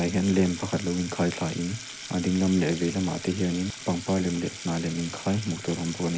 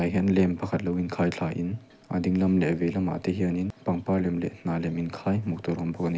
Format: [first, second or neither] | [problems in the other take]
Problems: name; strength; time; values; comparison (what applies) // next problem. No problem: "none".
second | background sound (Sink (filling or washing) / Water tap, faucet); 13 dB below the speech